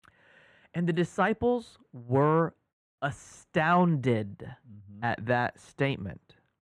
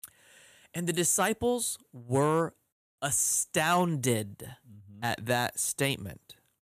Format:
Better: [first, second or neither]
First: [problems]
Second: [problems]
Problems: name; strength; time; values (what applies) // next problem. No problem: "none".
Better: second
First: muffled; very; fading above 1.5 kHz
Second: none